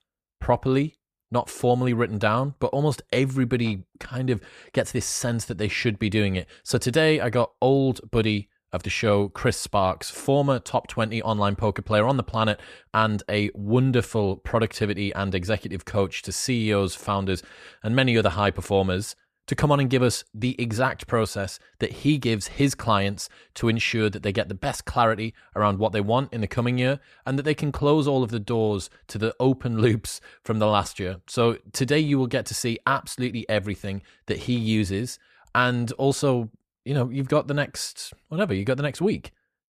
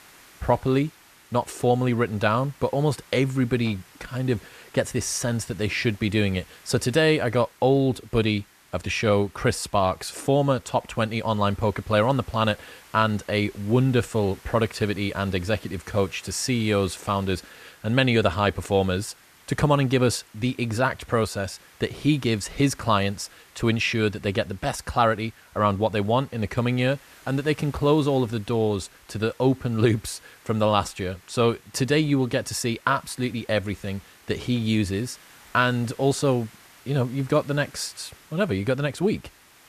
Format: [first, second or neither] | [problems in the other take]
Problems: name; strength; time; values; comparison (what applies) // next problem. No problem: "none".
first | hiss; faint; throughout; 25 dB below the speech